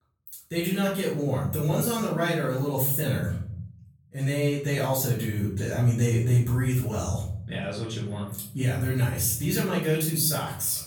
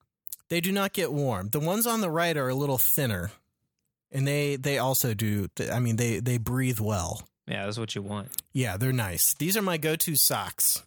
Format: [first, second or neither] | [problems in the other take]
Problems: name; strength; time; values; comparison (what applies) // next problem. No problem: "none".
second | room echo; noticeable; dies away in 0.9 s // off-mic speech; far